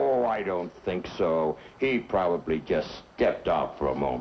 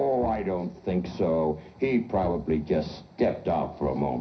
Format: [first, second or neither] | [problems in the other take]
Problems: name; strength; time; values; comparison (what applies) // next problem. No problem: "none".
first | background sound (Bowed string instrument); 19 dB below the speech // room echo; dies away in 0.5 s